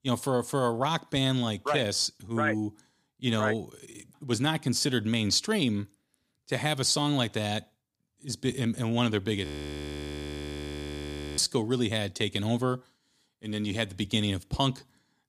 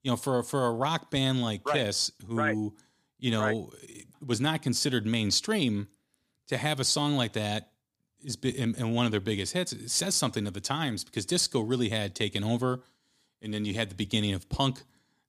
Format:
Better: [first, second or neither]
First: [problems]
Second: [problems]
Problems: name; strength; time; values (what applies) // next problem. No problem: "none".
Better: second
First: audio freezing; at 9.5 s for 2 s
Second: none